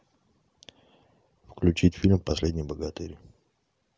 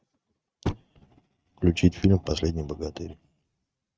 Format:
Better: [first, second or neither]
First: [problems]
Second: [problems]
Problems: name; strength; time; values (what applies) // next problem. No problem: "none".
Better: first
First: none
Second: noise reduction (neural mask model RNNoise)